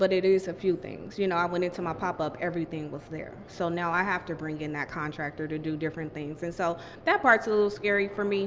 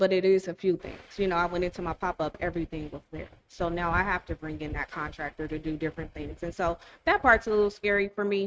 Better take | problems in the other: first | noise reduction (neural mask model RNNoise)

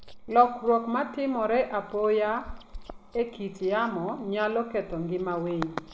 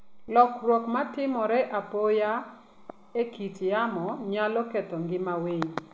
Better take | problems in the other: second | background sound (Chewing, mastication); 20 dB below the speech

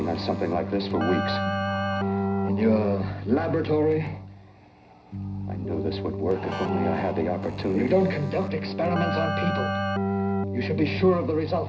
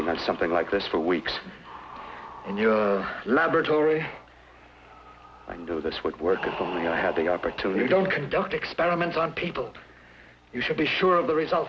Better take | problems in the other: second | background sound (Keyboard (musical)); 2 dB below the speech // room echo; dies away in 0.4 s

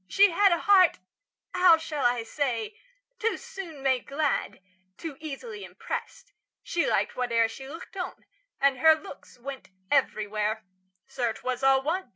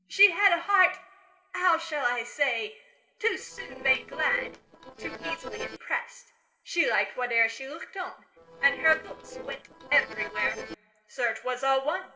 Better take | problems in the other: first | noise reduction (neural separator model SepFormer DNS4)

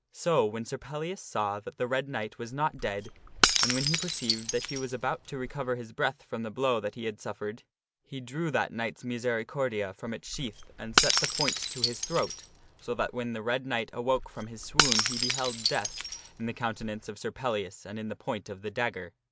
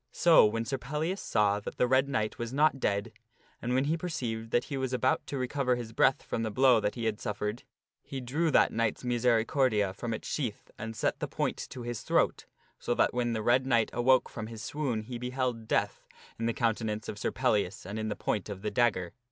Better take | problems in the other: second | background sound (Shatter / Crushing); 1 dB above the speech

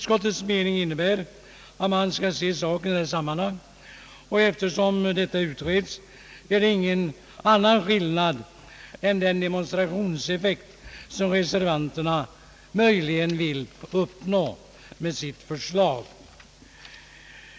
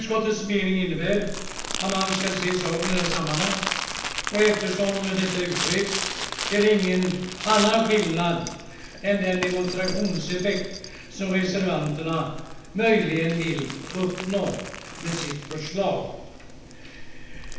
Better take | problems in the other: first | background sound (Crumpling, crinkling); 7 dB below the speech // room echo; dies away in 0.9 s

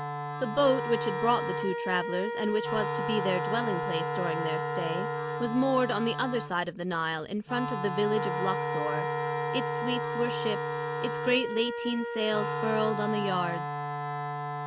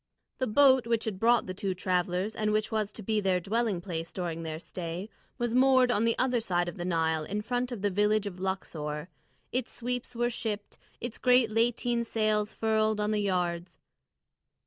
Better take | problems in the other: second | background sound (Wind instrument, woodwind instrument + Wind instrument, woodwind instrument); 2 dB below the speech

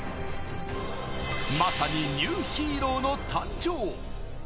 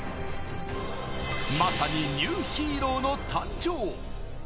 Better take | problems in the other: first | background sound (Explosion); 15 dB below the speech

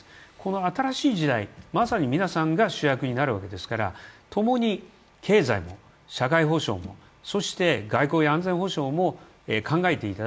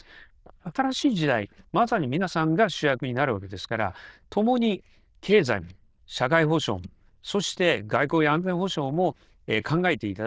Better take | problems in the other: first | noise reduction (neural diffusion model UNIVERSE++)

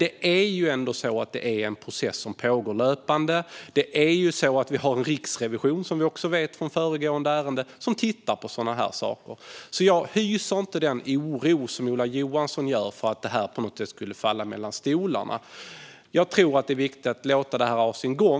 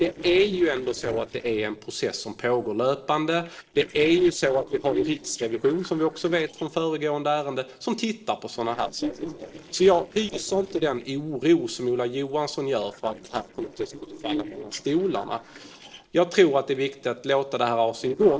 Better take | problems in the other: first | noise reduction (neural separator model SepFormer DNS4)

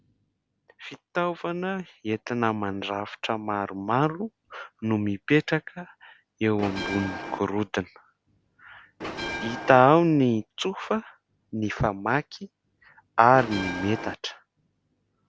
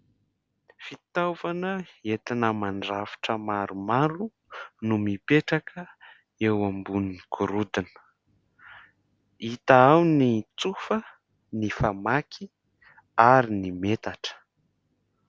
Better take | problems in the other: second | background sound (Bell); 7 dB below the speech

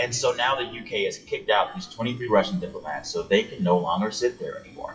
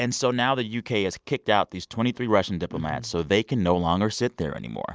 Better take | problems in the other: second | noise reduction (classical method WPE with log-MMSE)

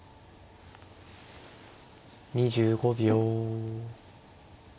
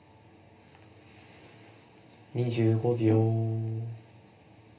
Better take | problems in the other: first | room echo; dies away in 0.3 s

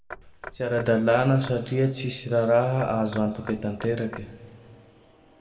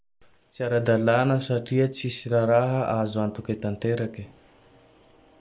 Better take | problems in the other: second | background sound (Knock / Wood); 19 dB below the speech // room echo; dies away in 1.7 s

